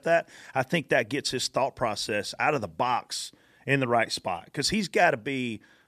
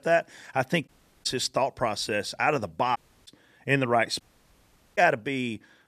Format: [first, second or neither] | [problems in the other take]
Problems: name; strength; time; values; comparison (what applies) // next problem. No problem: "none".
first | audio cutting out; at 1 s, at 3 s and at 4 s for 1 s